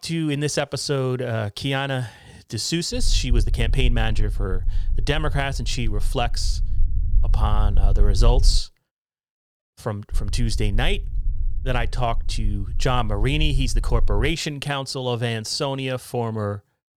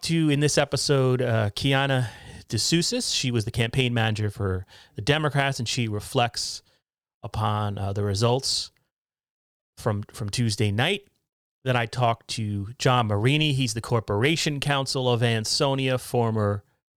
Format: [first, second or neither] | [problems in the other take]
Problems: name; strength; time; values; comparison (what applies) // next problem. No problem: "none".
second | low rumble; faint; from 3 to 8.5 s and from 10 to 14 s; 20 dB below the speech